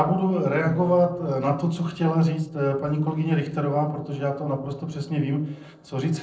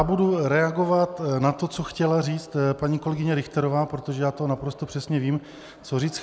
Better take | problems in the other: second | noise reduction (neural separator model SepFormer DNS4)

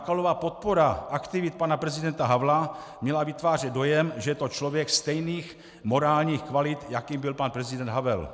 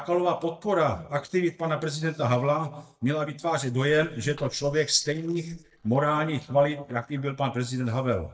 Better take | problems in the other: first | noise reduction (neural mask model DeepFilterNet 3)

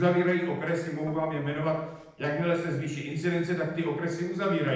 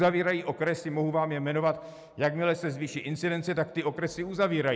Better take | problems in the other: second | noise reduction (neural separator model SepFormer DNS4)

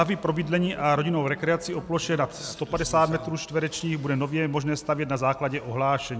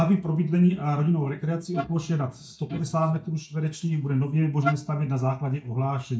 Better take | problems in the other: first | noise reduction (neural mask model DeepFilterNet 3)

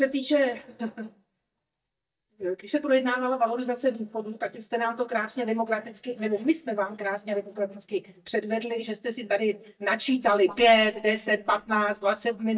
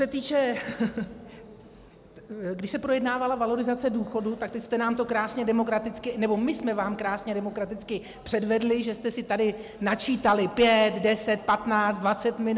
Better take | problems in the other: second | noise reduction (neural mask model DeepFilterNet 3)

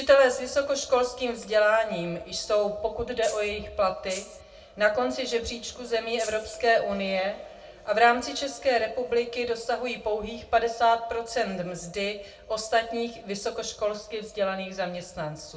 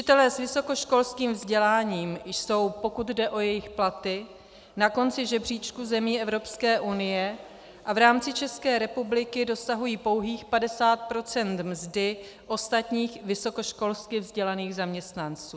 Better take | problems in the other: second | background sound (Rattle (instrument)); 14 dB below the speech // room echo; dies away in 0.2 s

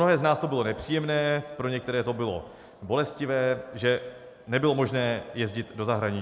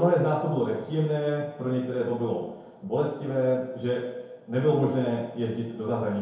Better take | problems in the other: first | room echo; dies away in 0.9 s

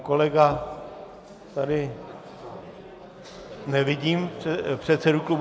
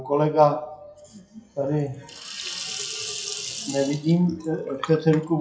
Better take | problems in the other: first | noise reduction (classical method WPE with log-MMSE)

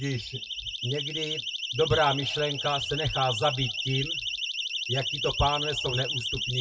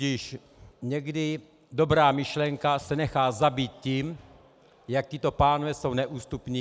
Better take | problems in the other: second | noise reduction (classical method WPE with log-MMSE)

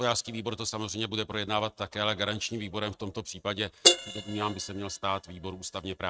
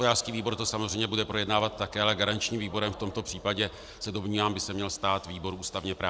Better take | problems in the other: second | noise reduction (neural mask model RNNoise)

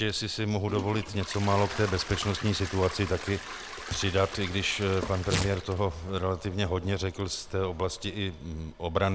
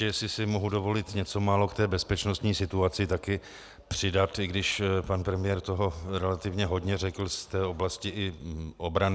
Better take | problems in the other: second | background sound (Toilet flush + Tearing); 11 dB below the speech

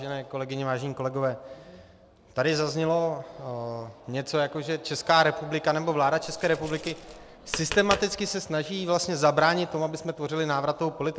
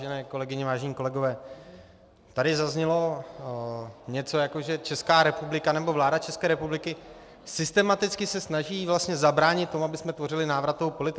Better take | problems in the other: second | background sound (Tap); 11 dB below the speech

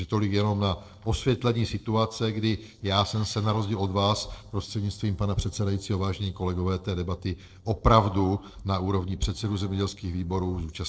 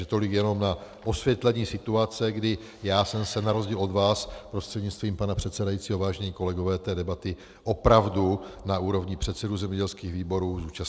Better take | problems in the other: second | noise reduction (neural separator model SepFormer DNS4)

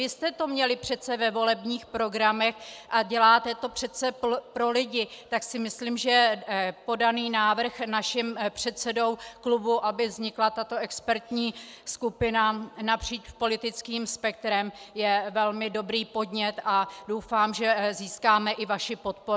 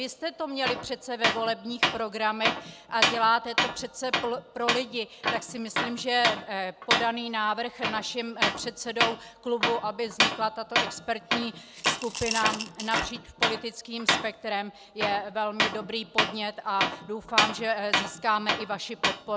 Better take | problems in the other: first | background sound (Tools + Coin (dropping) / Glass); as loud as the speech

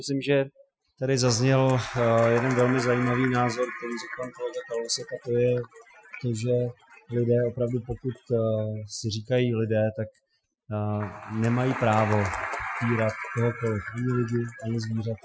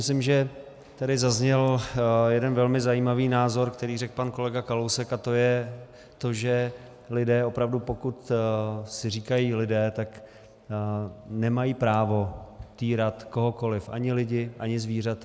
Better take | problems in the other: second | noise reduction (classical method Wiener filter)

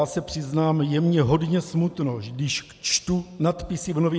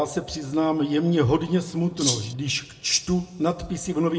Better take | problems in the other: first | background sound (Rattle (instrument)); 3 dB below the speech // room echo; dies away in 0.6 s

